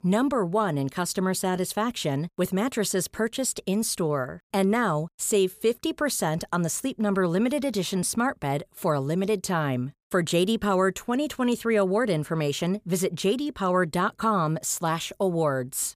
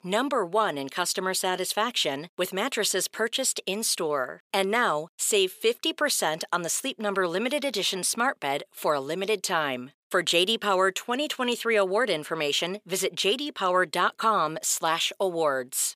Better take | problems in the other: first | thin; somewhat; fading below 400 Hz

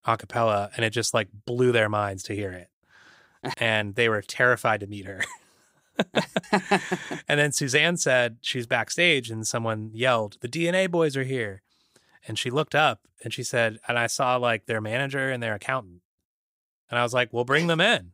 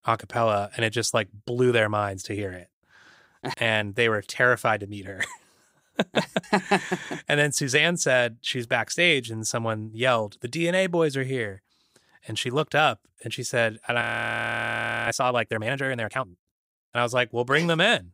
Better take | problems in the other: first | audio freezing; at 14 s for 1 s

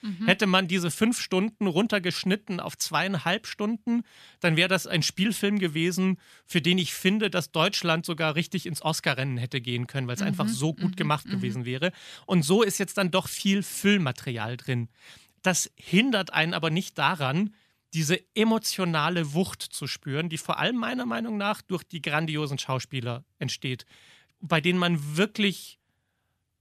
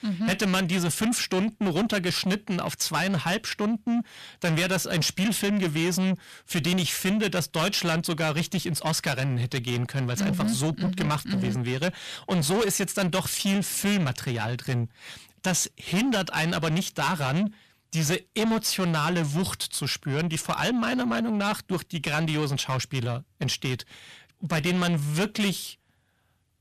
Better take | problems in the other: first | distortion; heavy; 6 dB below the speech

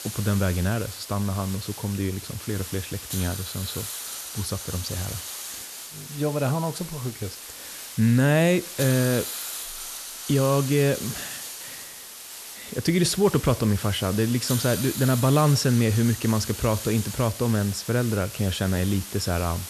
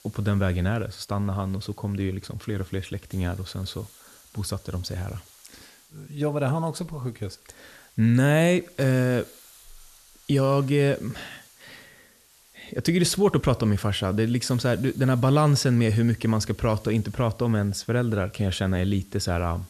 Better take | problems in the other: second | hiss; loud; throughout; 9 dB below the speech; faint in the second

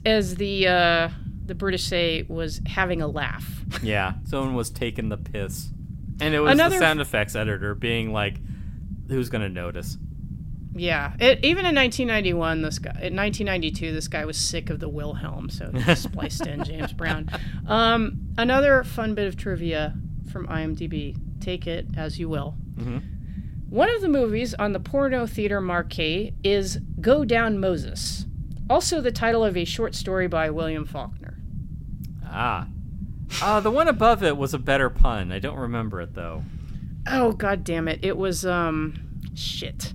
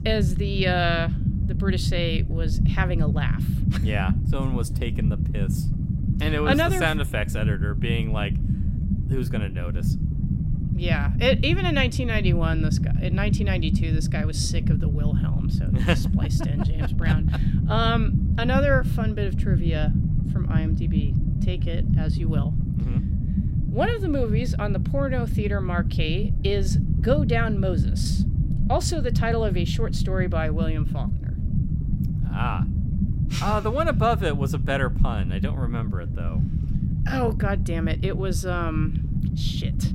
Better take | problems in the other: first | low rumble; loud; throughout; 8 dB below the speech; faint in the first

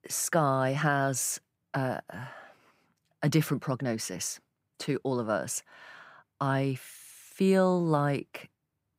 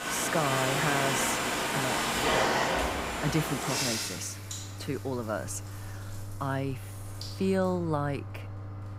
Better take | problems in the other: first | household noises; very loud; throughout; 2 dB above the speech

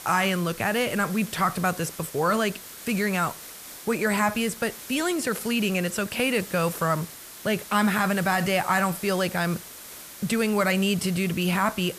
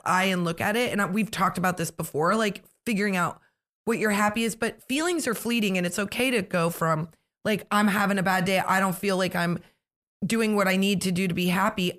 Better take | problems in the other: second | hiss; noticeable; throughout; 15 dB below the speech

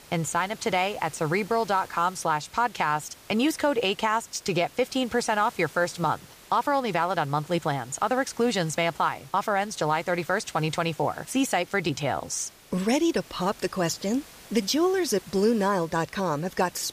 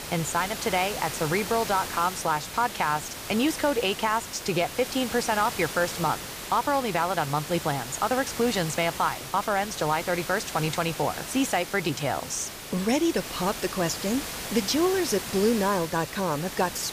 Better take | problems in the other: first | hiss; loud; throughout; 8 dB below the speech; faint in the first

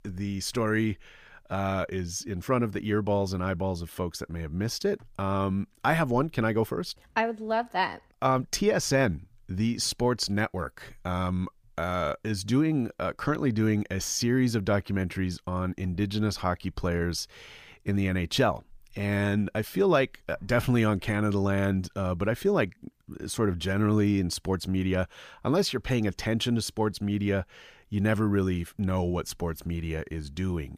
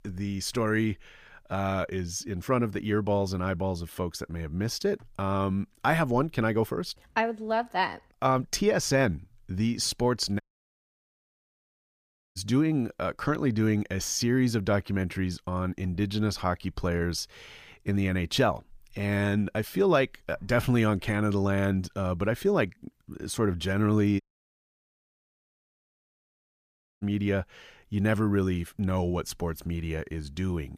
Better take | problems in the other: first | audio cutting out; at 10 s for 2 s and at 24 s for 3 s

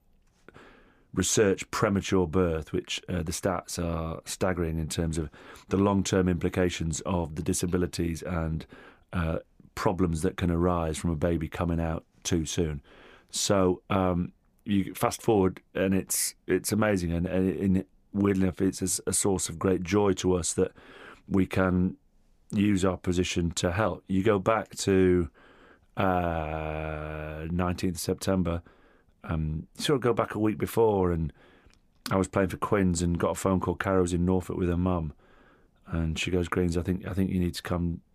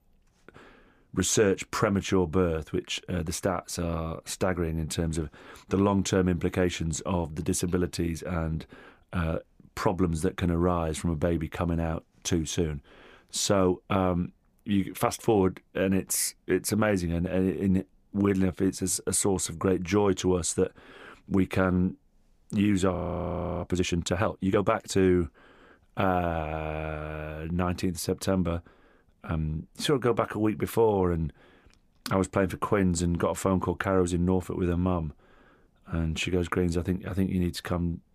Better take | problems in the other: first | audio freezing; at 23 s for 0.5 s

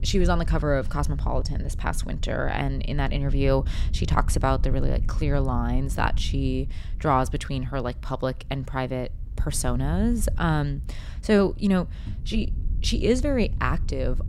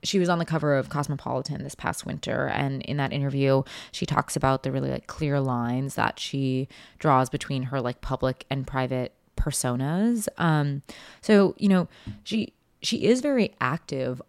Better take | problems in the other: second | wind noise on the microphone; occasional gusts; 20 dB below the speech

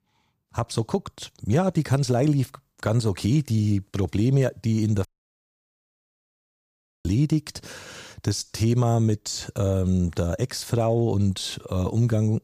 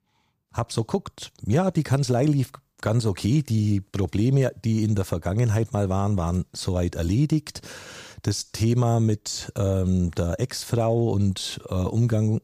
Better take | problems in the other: second | audio cutting out; at 5 s for 2 s

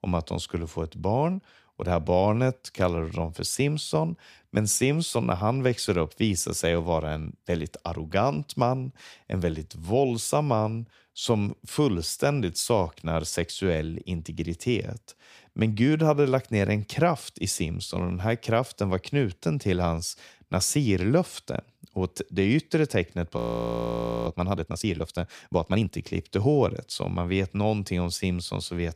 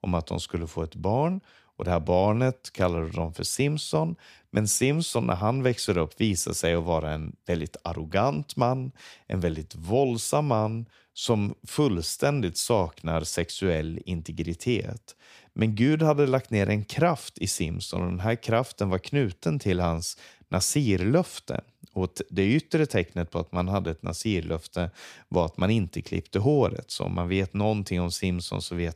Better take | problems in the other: second | audio freezing; at 23 s for 1 s

